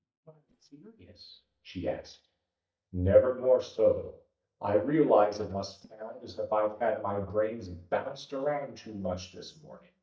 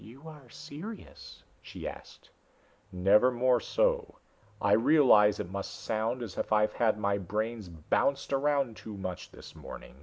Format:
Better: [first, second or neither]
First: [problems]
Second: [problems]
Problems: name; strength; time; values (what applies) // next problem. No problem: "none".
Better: second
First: noise reduction (neural mask model DeepFilterNet 3)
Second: none